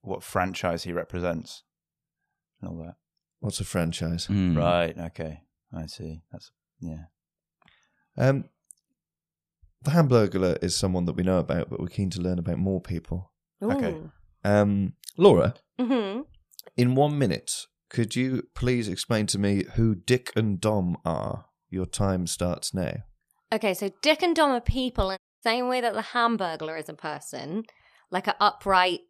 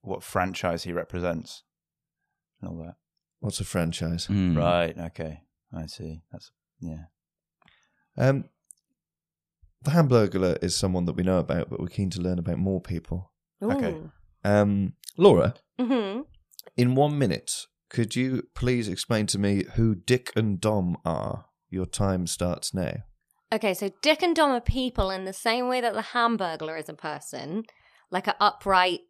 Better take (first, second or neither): second